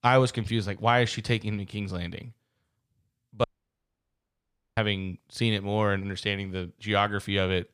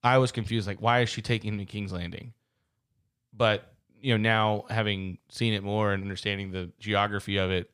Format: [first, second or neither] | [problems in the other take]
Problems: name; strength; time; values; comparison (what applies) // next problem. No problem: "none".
second | audio cutting out; at 3.5 s for 1.5 s